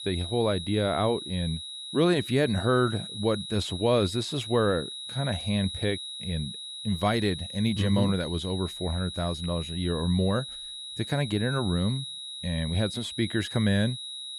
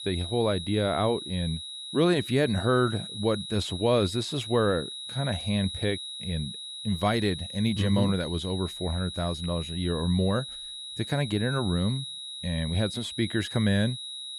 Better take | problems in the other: neither | high-pitched whine; loud; throughout; 4 kHz, 8 dB below the speech; the same in both

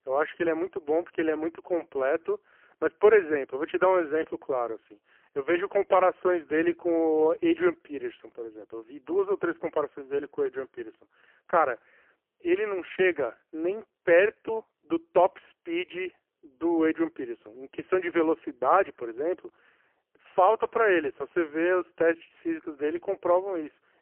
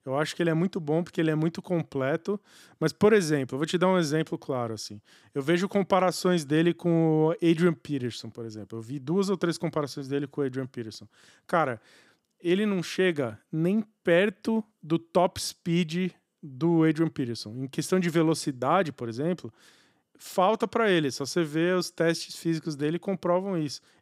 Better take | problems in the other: second | phone-call audio; poor line; nothing above 3 kHz

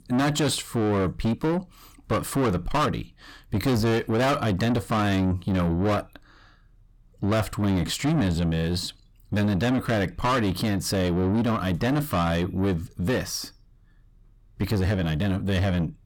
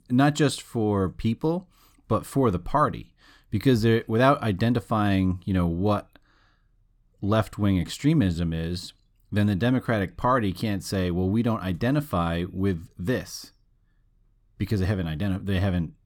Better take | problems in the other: second | distortion; heavy; 7 dB below the speech

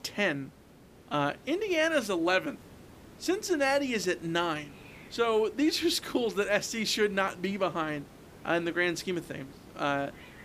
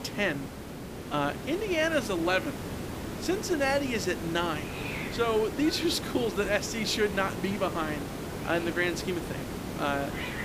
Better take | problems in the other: first | hiss; loud; throughout; 7 dB below the speech; faint in the first

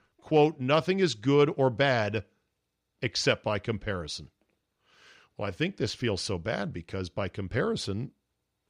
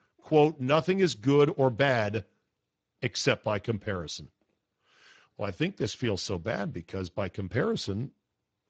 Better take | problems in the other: first | garbled, watery; badly

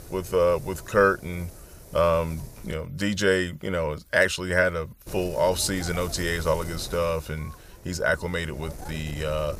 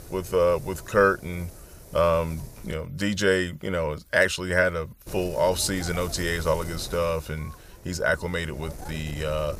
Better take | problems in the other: neither | wind noise on the microphone; occasional gusts; until 2.5 s and from 5 s on; 20 dB below the speech; the same in both

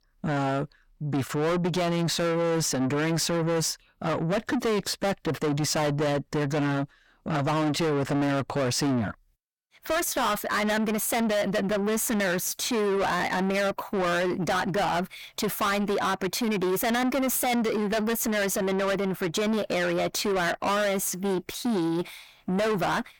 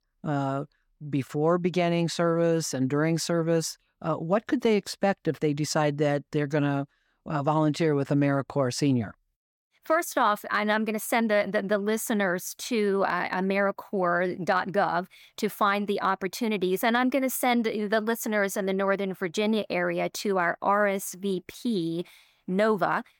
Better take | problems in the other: second | distortion; heavy; 5 dB below the speech

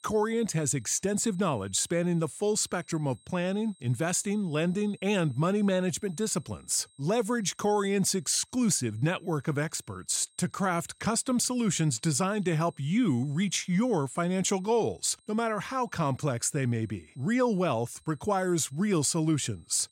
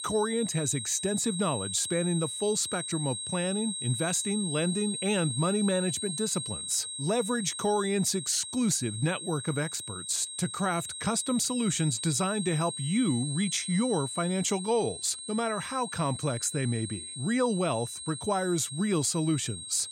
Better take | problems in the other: first | high-pitched whine; loud; throughout; 8.5 kHz, 6 dB below the speech; faint in the first

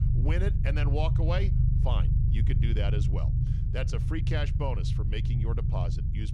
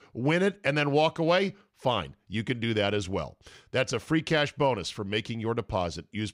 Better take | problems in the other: second | low rumble; loud; throughout; 4 dB below the speech

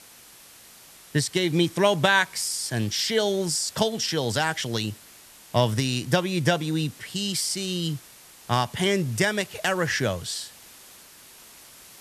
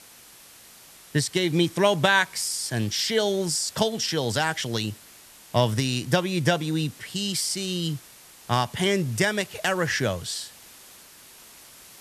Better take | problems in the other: neither | hiss; faint; throughout; 20 dB below the speech; the same in both

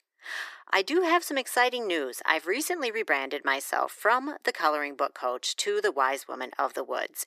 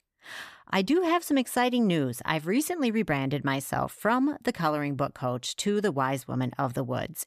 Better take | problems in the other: second | thin; very; fading below 350 Hz

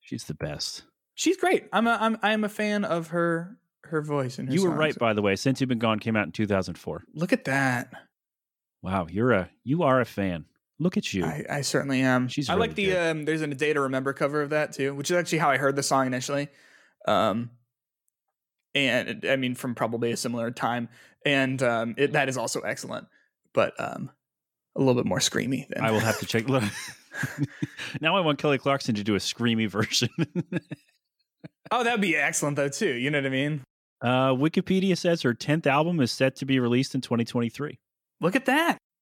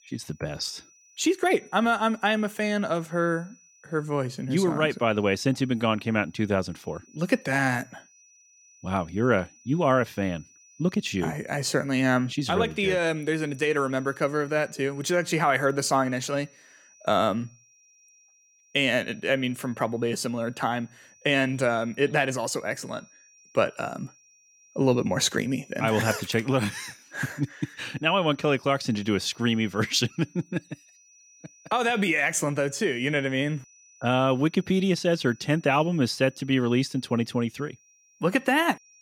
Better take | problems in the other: first | high-pitched whine; faint; throughout; 6 kHz, 30 dB below the speech

